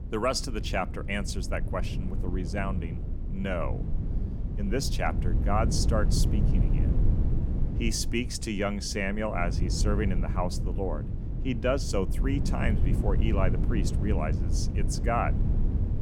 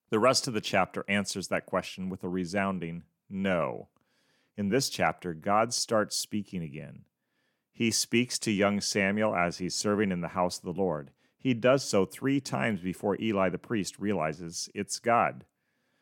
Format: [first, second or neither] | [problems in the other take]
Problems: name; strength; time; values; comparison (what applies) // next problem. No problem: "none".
second | wind noise on the microphone; occasional gusts; 10 dB below the speech